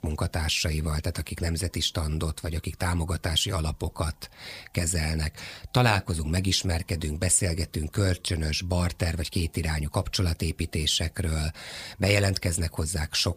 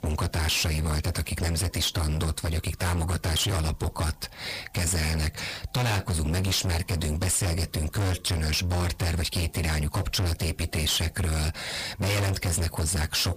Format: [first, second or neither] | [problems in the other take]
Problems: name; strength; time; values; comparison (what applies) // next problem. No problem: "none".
first | distortion; heavy; 33% of the sound clipped